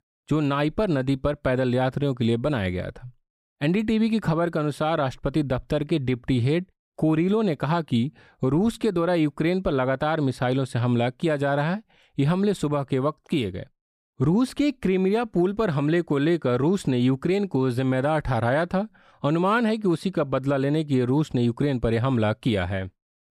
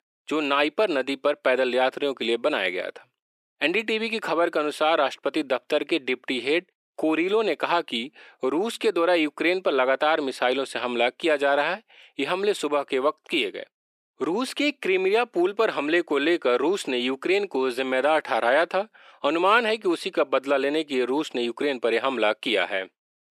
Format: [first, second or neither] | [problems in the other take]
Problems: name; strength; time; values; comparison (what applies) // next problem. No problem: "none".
first | thin; somewhat; fading below 350 Hz